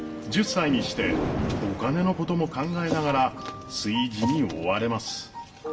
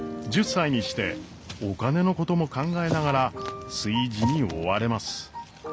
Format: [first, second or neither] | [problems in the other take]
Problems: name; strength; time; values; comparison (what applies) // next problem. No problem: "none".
second | background sound (Thunder); 9 dB below the speech // room echo; dies away in 0.5 s